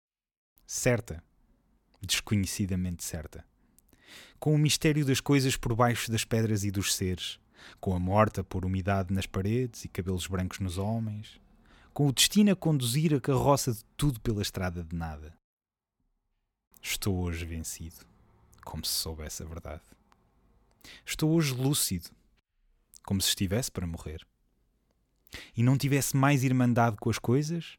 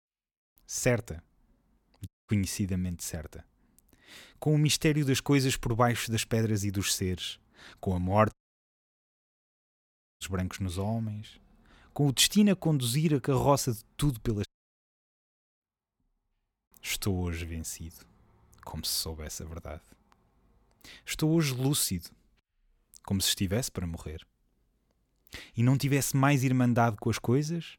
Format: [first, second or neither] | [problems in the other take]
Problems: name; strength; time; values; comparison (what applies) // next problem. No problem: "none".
first | audio cutting out; at 2 s, at 8.5 s for 2 s and at 14 s for 1 s